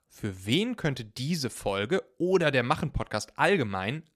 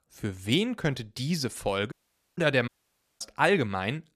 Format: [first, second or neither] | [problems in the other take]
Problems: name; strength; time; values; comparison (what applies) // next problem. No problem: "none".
first | audio cutting out; at 2 s and at 2.5 s for 0.5 s